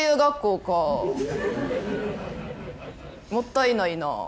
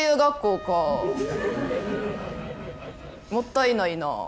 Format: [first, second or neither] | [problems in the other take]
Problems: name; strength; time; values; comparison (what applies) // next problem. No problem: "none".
first | background sound (Wind instrument, woodwind instrument); 16 dB below the speech